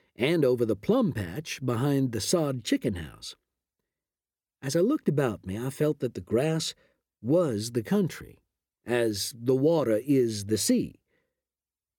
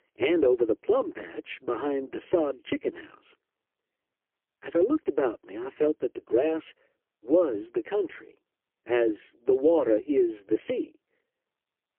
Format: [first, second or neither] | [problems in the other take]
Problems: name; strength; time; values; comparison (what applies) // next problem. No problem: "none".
first | phone-call audio; poor line; nothing above 3 kHz